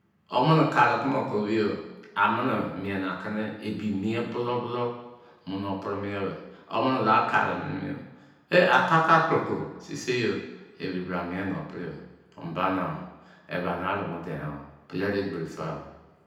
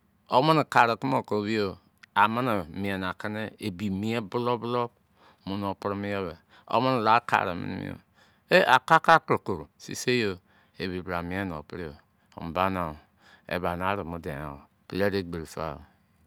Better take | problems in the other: second | room echo; dies away in 0.9 s

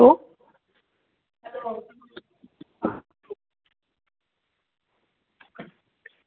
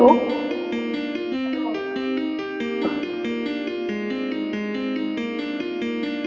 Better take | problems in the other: first | background sound (Piano); 1 dB above the speech // room echo; dies away in 2.8 s

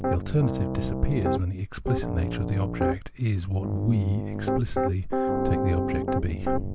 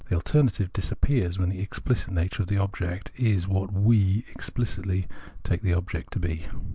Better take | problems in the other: second | background sound (Piano); 1 dB below the speech

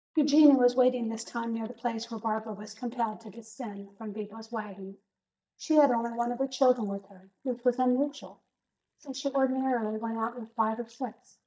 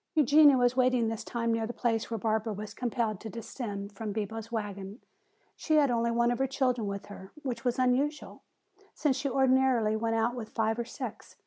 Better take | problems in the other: second | noise reduction (neural mask model DeepFilterNet 3)

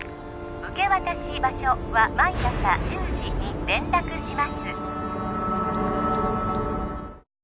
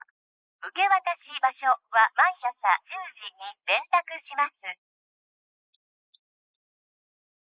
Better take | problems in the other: first | noise reduction (neural mask model Resemble Enhance denoiser)

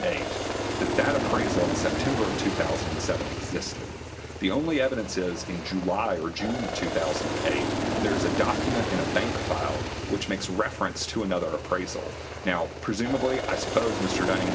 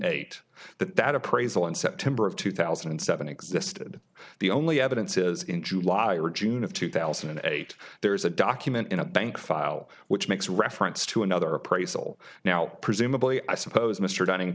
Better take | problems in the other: second | background sound (Aircraft); 1 dB below the speech // room echo; dies away in 0.1 s

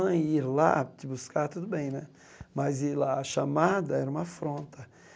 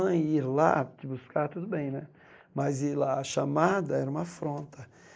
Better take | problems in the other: first | noise reduction (neural mask model Resemble Enhance denoiser)

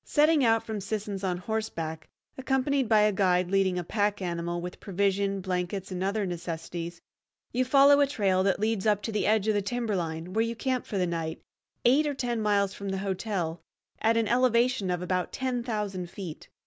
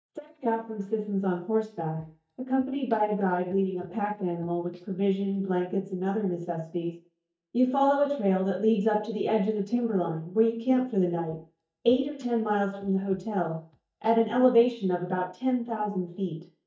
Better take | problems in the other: first | noise reduction (neural mask model DeepFilterNet 3)

